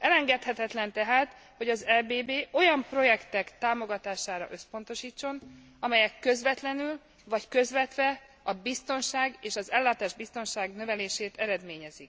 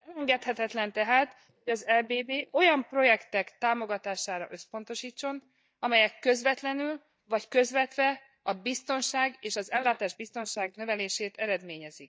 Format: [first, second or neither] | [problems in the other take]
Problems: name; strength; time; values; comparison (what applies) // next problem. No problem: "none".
first | noise reduction (neural mask model DeepFilterNet 3)